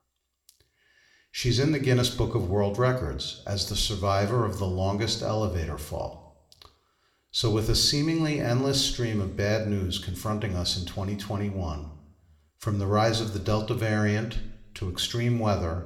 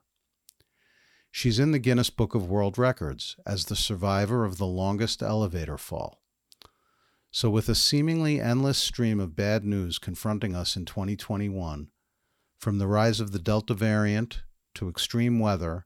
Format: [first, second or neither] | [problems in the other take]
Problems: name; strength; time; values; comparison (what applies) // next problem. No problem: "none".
second | room echo; very slight; dies away in 0.6 s